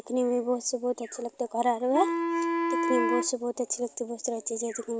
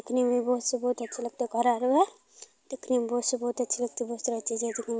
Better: second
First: background sound (Wind instrument, woodwind instrument); 1 dB below the speech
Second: none

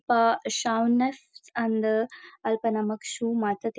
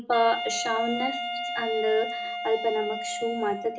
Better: first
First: none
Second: background sound (Wind instrument, woodwind instrument); 5 dB below the speech // room echo; dies away in 1.1 s

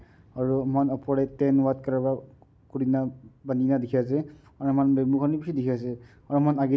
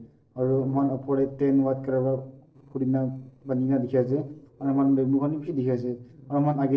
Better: first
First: none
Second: noise reduction (neural separator model SepFormer DNS4)

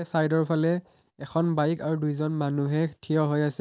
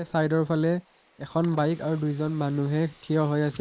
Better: first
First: none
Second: noise reduction (neural mask model Resemble Enhance denoiser)

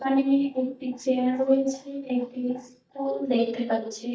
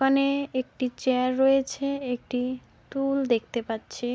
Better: second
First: noise reduction (neural mask model DeepFilterNet 3)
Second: none

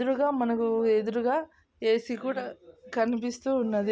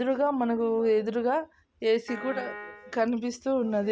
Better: first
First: none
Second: background sound (Piano); 13 dB below the speech

